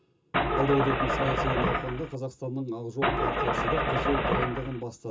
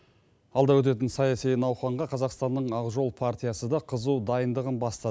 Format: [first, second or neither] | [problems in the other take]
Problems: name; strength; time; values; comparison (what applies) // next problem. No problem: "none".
second | background sound (Engine starting / Car); 4 dB above the speech // room echo; dies away in 0.2 s